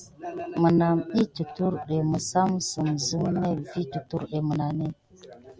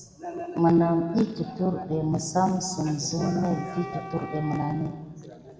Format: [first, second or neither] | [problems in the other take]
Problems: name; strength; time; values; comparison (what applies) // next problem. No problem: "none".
first | background sound (Wind instrument, woodwind instrument); 14 dB below the speech // room echo; dies away in 1.9 s